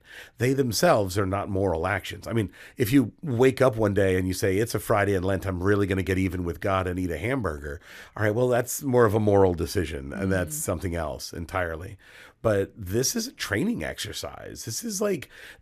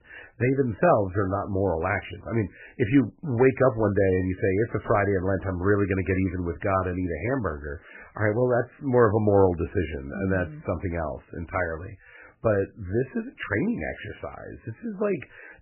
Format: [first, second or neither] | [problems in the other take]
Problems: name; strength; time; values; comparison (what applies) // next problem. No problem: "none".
first | garbled, watery; badly; nothing above 2.5 kHz